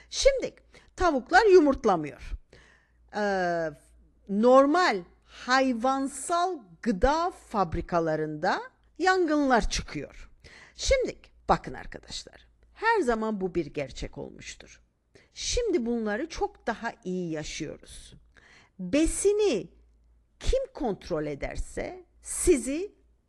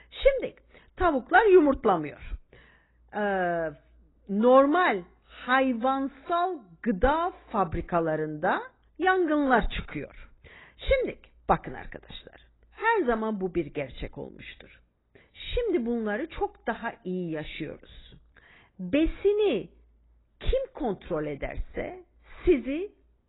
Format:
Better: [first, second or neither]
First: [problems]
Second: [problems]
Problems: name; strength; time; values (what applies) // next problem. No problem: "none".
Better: first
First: garbled, watery; slightly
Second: garbled, watery; badly; nothing above 4 kHz